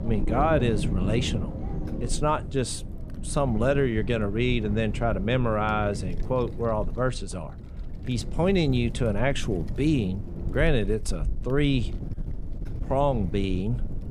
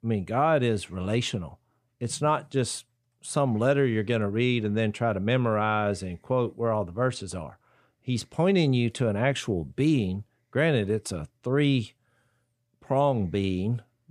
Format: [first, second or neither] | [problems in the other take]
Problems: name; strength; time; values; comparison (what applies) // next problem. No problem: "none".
second | wind noise on the microphone; occasional gusts; 15 dB below the speech